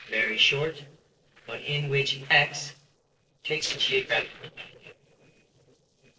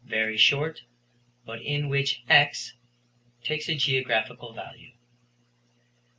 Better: second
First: noise reduction (neural separator model SepFormer DNS4)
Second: none

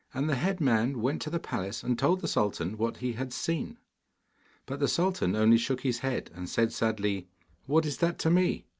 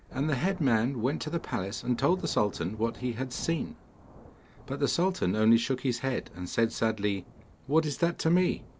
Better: first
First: none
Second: background sound (Thunder / Rain); 20 dB below the speech

